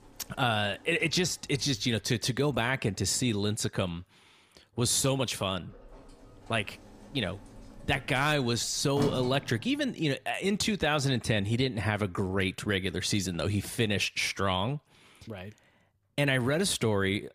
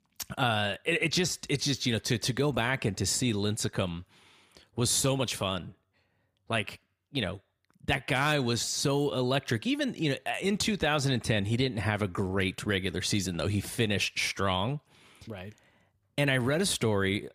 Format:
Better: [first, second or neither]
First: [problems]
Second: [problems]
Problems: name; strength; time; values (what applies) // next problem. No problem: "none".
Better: second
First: household noises; noticeable; throughout; 15 dB below the speech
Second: none